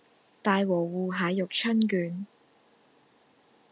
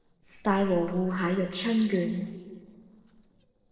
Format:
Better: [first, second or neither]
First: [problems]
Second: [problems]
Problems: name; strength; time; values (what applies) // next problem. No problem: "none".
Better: first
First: none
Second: noise reduction (neural separator model SepFormer DNS4)